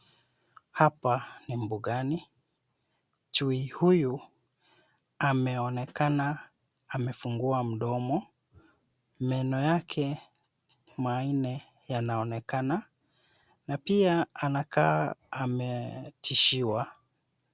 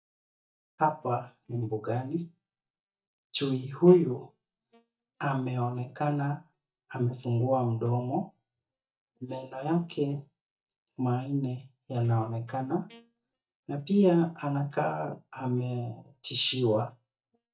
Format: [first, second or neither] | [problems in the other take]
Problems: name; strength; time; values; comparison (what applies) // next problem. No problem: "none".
first | noise reduction (neural mask model DeepFilterNet 3)